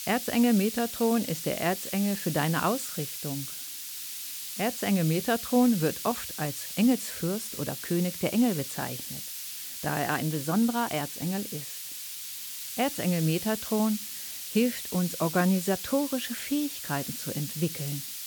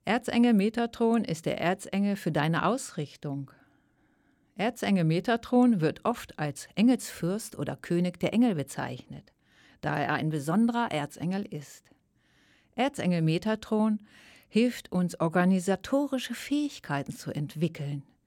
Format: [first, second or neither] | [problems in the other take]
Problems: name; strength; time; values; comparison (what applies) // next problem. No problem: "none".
second | hiss; loud; throughout; 6 dB below the speech